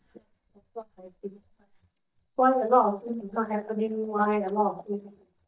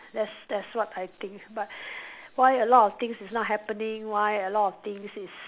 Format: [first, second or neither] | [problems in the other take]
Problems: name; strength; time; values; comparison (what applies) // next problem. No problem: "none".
second | noise reduction (neural mask model DeepFilterNet 3)